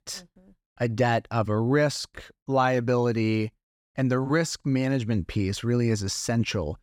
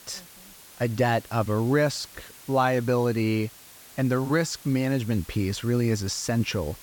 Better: first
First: none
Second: hiss; noticeable; throughout; 20 dB below the speech

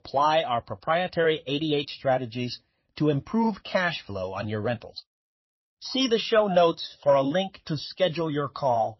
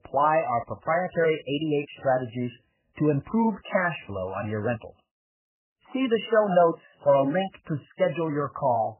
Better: first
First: garbled, watery; slightly; nothing above 5.5 kHz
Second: garbled, watery; badly; nothing above 3 kHz

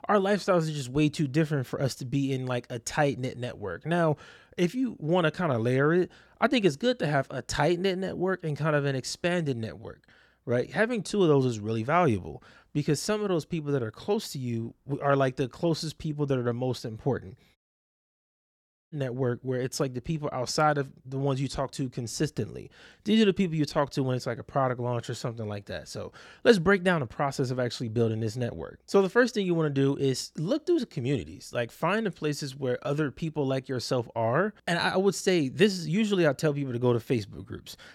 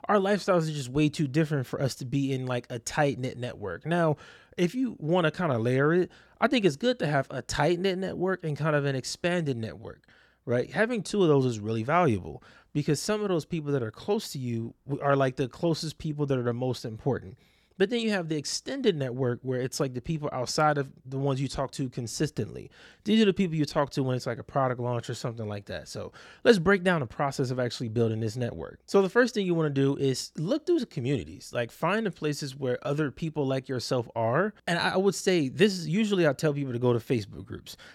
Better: second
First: audio cutting out; at 18 s for 1.5 s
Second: none

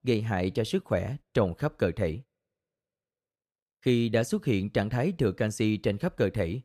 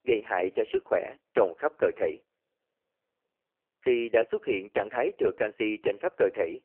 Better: first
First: none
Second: phone-call audio; poor line

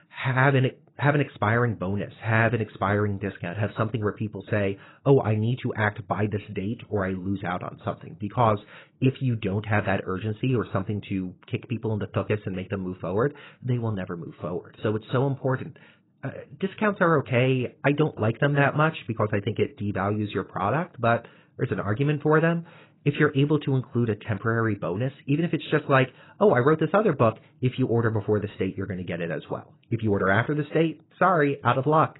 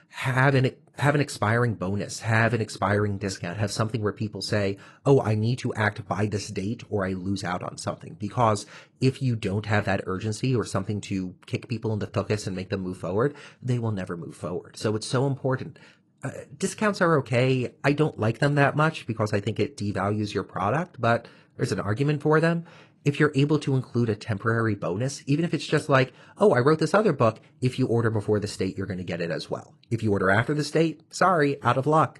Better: second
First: garbled, watery; badly; nothing above 4 kHz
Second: garbled, watery; slightly; nothing above 11 kHz

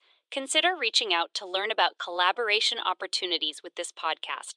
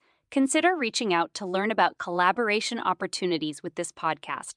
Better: second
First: thin; very; fading below 450 Hz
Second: none

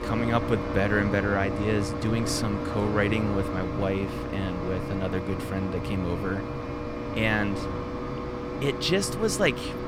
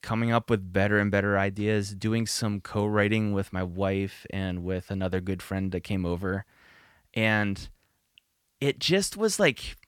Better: second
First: machinery noise; loud; throughout; 4 dB below the speech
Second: none

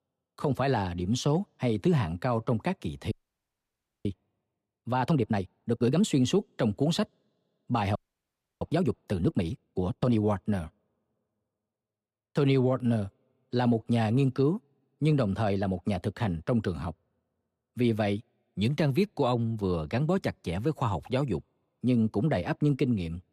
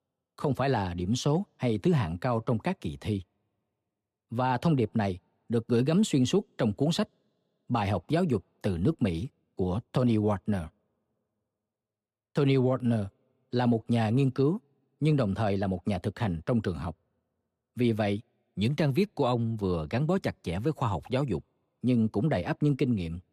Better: second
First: audio freezing; at 3 s for 1 s and at 8 s for 0.5 s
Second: none

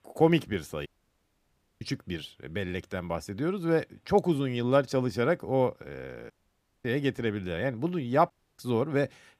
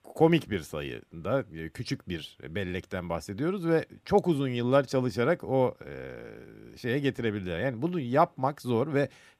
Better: second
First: audio cutting out; at 1 s for 1 s, at 6.5 s for 0.5 s and at 8.5 s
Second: none

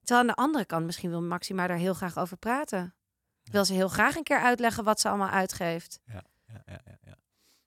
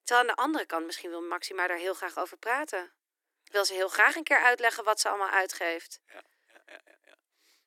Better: first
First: none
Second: thin; very; fading below 300 Hz

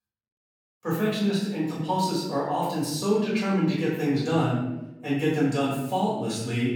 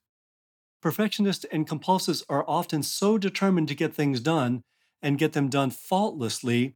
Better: second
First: room echo; noticeable; dies away in 0.9 s // off-mic speech; far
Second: none

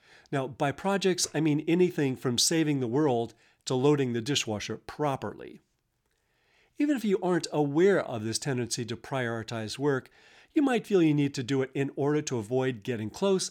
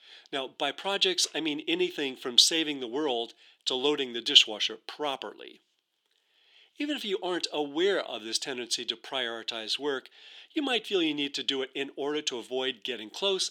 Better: first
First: none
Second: thin; very slightly; fading below 300 Hz

